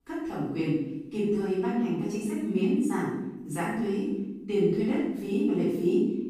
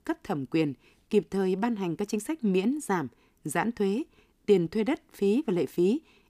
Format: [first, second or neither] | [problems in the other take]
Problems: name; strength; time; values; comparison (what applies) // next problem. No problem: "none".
second | off-mic speech; far // room echo; strong; dies away in 0.9 s